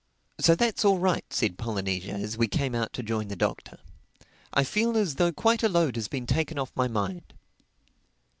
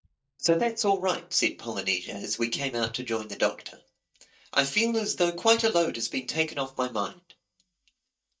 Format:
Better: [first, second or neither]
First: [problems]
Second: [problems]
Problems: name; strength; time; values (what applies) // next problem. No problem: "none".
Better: first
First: none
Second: noise reduction (neural mask model DeepFilterNet 3)